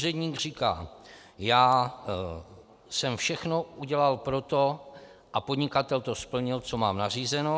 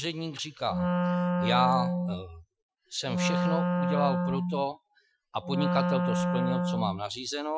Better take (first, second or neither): first